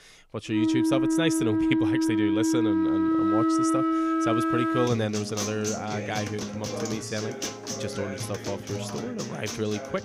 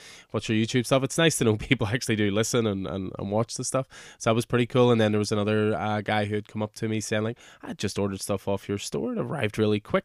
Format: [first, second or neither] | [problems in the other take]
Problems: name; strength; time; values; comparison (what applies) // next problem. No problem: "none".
second | background music; very loud; throughout; 4 dB above the speech